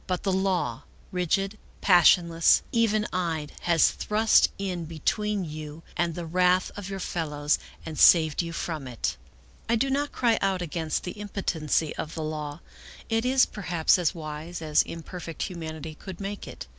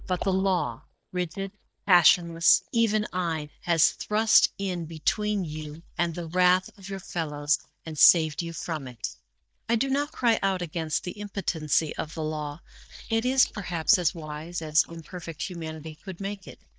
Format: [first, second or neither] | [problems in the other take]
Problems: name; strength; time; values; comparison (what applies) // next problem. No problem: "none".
first | noise reduction (neural mask model DeepFilterNet 3)